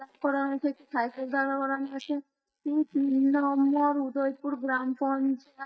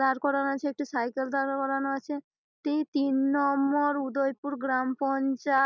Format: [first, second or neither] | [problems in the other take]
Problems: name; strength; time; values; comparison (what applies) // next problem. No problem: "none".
second | noise reduction (neural mask model DeepFilterNet 3)